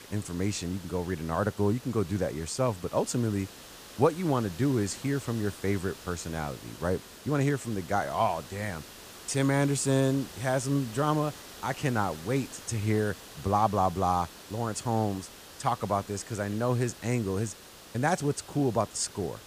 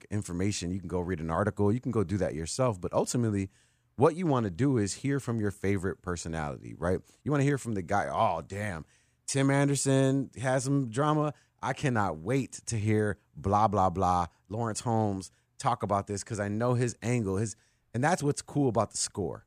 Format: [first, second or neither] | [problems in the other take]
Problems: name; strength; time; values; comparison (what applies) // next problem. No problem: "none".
second | hiss; noticeable; throughout; 15 dB below the speech